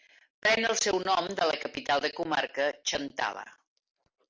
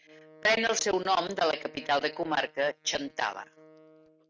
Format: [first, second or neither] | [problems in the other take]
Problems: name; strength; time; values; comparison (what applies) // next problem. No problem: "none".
first | noise reduction (neural mask model RNNoise)